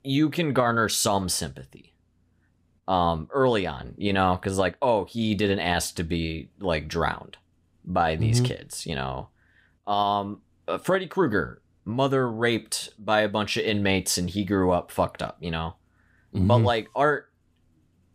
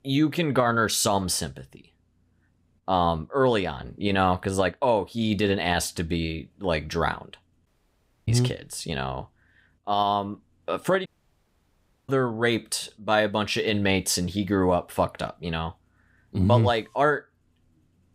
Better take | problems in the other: first | audio cutting out; at 7.5 s for 0.5 s and at 11 s for 1 s

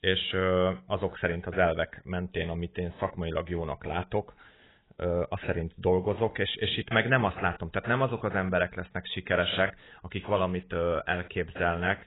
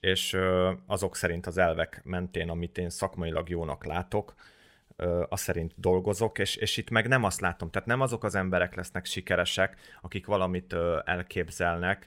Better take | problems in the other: second | garbled, watery; badly; nothing above 3.5 kHz

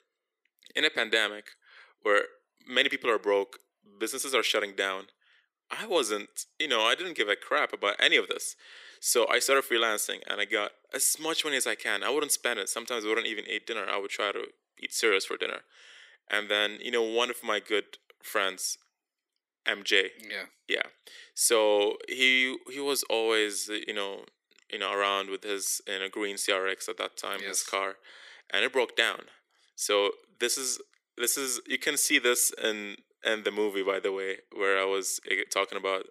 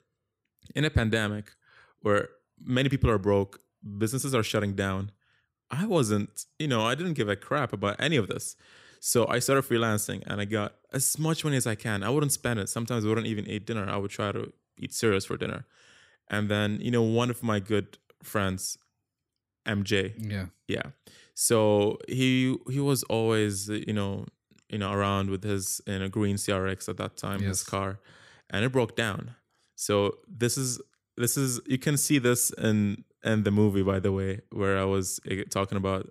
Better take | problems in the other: second | thin; very; fading below 350 Hz

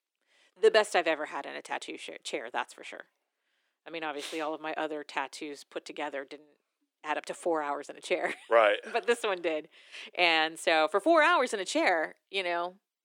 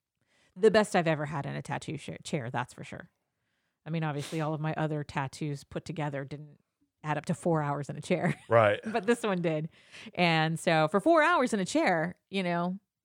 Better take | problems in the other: second | thin; very; fading below 300 Hz

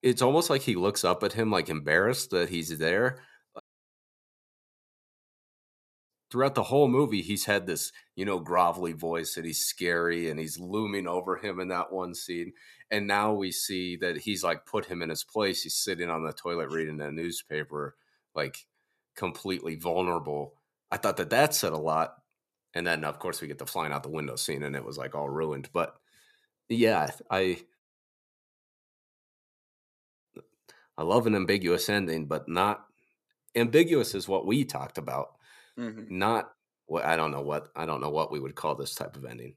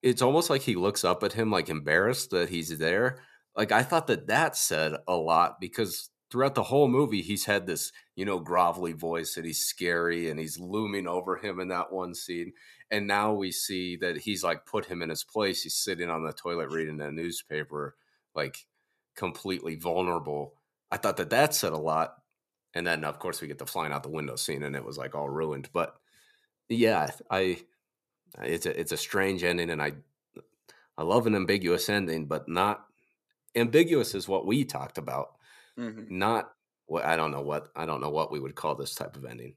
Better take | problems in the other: second | audio cutting out; at 3.5 s for 2.5 s and at 28 s for 2.5 s

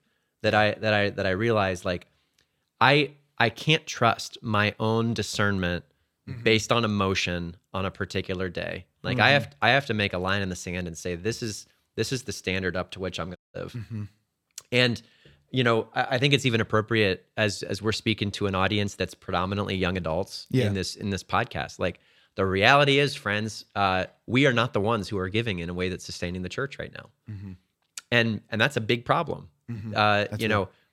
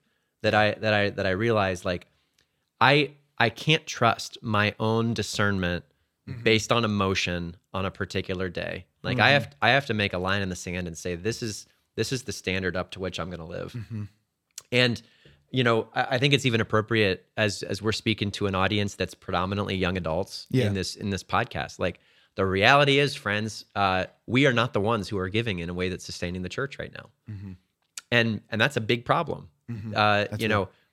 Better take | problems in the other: second | audio cutting out; at 13 s

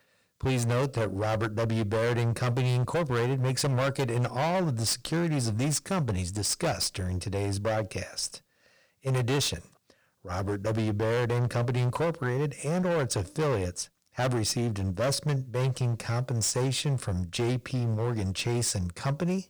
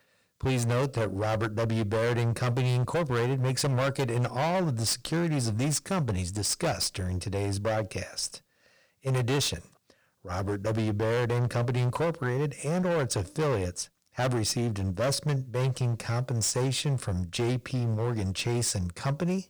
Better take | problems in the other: neither | distortion; heavy; 20% of the sound clipped; the same in both

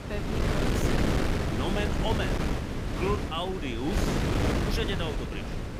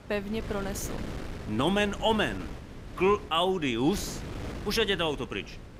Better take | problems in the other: second | wind noise on the microphone; heavy; 2 dB above the speech; occasional gusts in the second

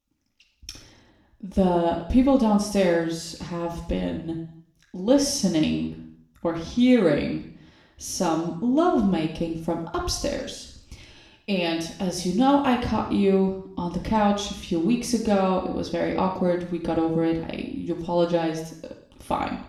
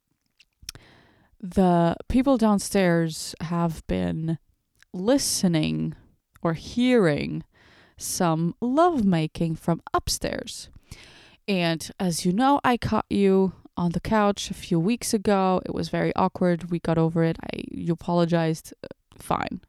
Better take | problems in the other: second | room echo; noticeable; dies away in 0.7 s // off-mic speech; somewhat distant

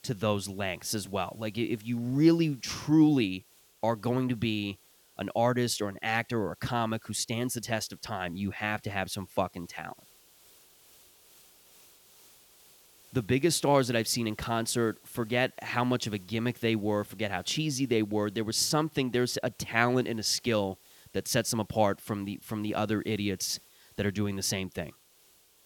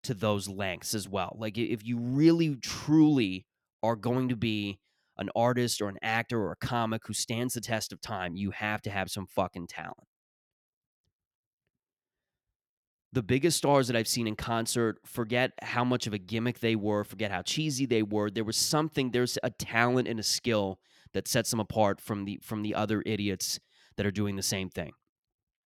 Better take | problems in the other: second | hiss; faint; throughout; 25 dB below the speech

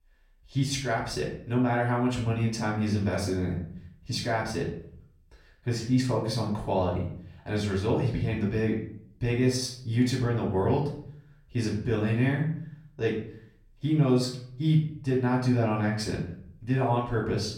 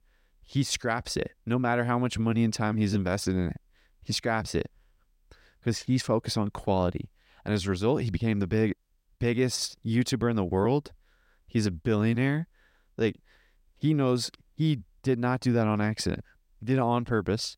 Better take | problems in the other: second | off-mic speech; far // room echo; slight; dies away in 0.5 s

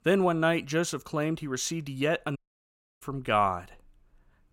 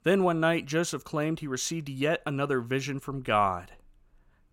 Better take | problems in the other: second | audio cutting out; at 2.5 s for 0.5 s

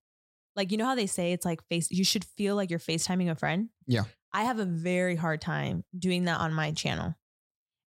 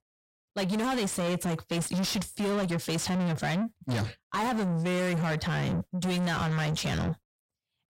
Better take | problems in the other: first | distortion; heavy; 6 dB below the speech

